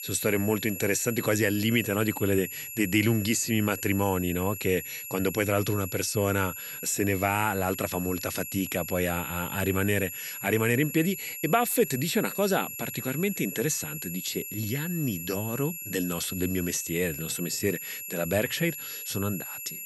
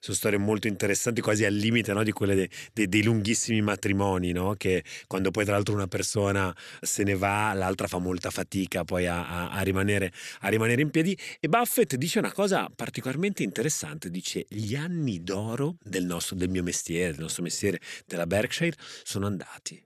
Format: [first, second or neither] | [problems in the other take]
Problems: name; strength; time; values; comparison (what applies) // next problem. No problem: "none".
second | high-pitched whine; loud; throughout; 11.5 kHz, 8 dB below the speech